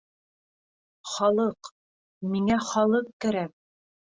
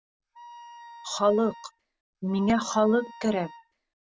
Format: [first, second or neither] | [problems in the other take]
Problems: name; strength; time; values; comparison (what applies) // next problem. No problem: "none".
first | background sound (Wind instrument, woodwind instrument); 19 dB below the speech